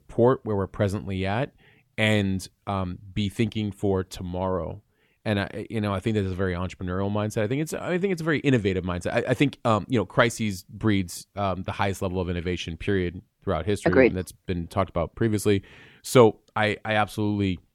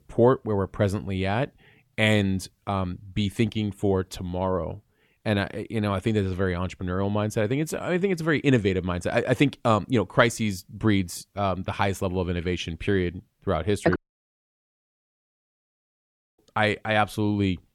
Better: first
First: none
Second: audio cutting out; at 14 s for 2.5 s

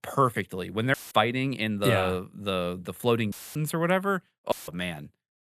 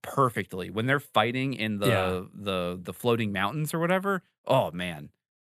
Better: second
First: audio cutting out; filled with static; at 1 s, at 3.5 s and at 4.5 s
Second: none

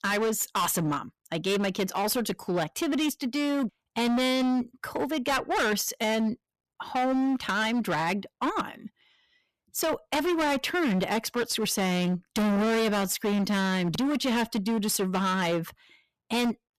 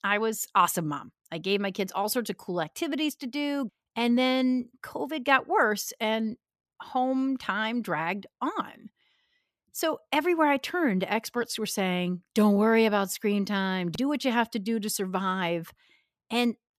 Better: second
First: distortion; heavy; 22% of the sound clipped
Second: none

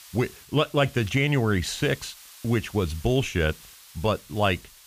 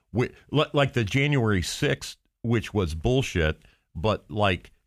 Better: second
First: hiss; faint; throughout; 20 dB below the speech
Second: none

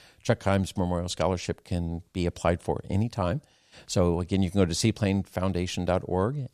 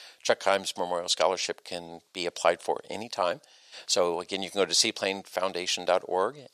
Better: first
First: none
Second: thin; very; fading below 600 Hz

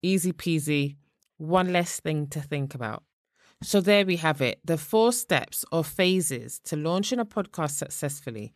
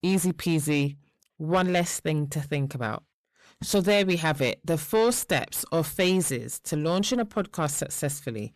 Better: first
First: none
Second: distortion; slight; 9 dB below the speech

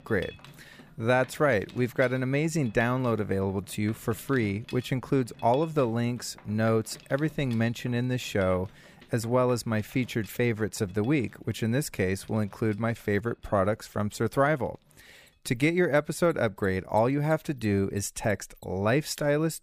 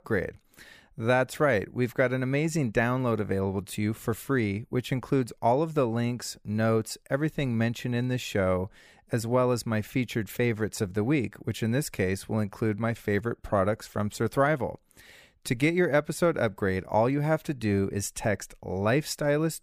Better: second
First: machinery noise; faint; throughout; 25 dB below the speech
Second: none

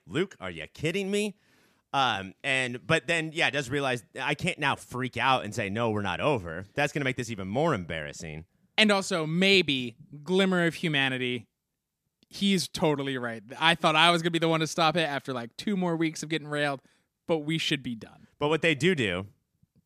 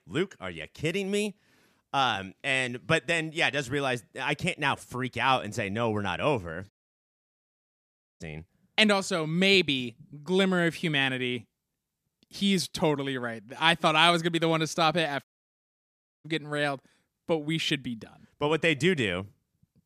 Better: first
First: none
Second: audio cutting out; at 6.5 s for 1.5 s and at 15 s for 1 s

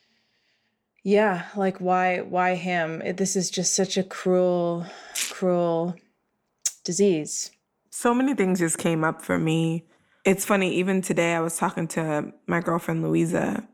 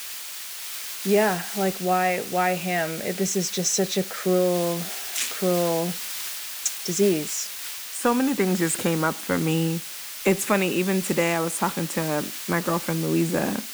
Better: first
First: none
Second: hiss; loud; throughout; 7 dB below the speech

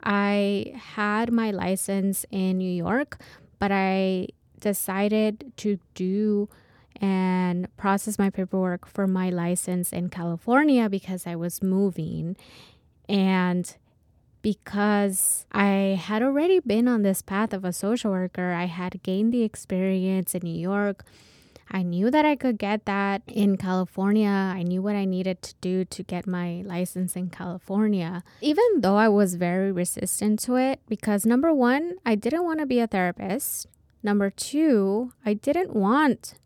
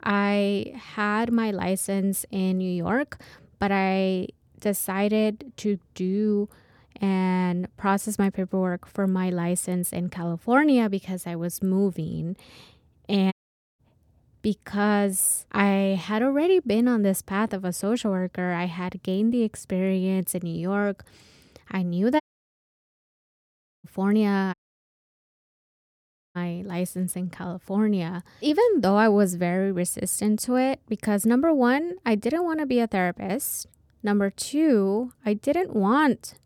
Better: first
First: none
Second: audio cutting out; at 13 s, at 22 s for 1.5 s and at 25 s for 2 s

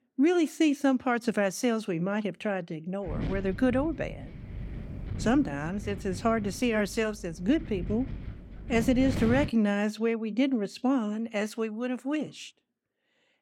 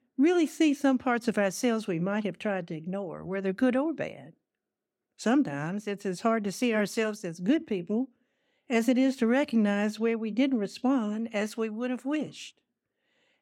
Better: second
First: wind noise on the microphone; occasional gusts; from 3 to 9.5 s; 15 dB below the speech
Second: none

